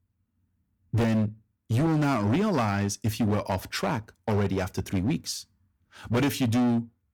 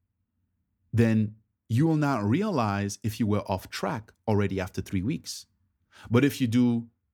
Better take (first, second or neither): second